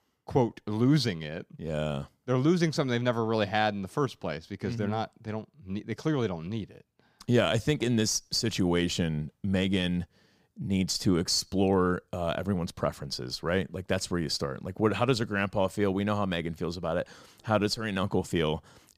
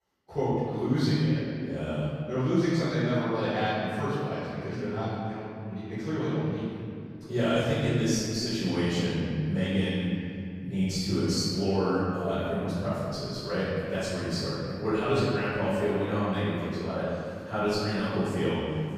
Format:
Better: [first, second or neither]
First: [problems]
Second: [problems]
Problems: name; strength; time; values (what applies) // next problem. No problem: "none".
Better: first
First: none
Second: off-mic speech; far // room echo; strong; dies away in 2.4 s